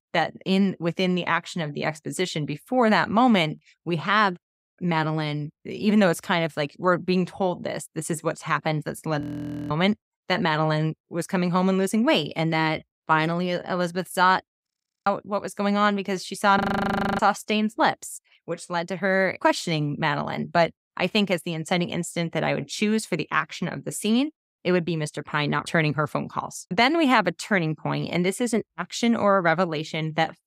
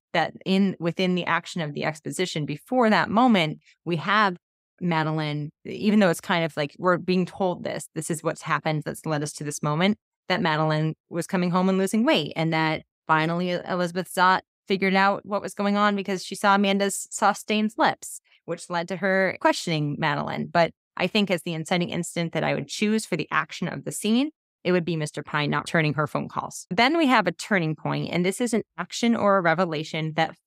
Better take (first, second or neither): second